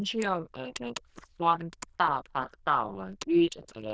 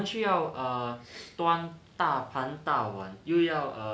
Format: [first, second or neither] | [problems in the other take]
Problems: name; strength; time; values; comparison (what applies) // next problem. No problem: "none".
second | noise reduction (neural diffusion model UNIVERSE++)